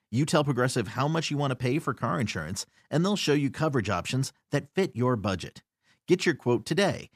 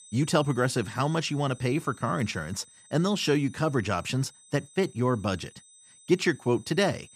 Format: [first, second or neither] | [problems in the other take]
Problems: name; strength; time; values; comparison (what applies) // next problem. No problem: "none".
first | high-pitched whine; faint; throughout; 8 kHz, 25 dB below the speech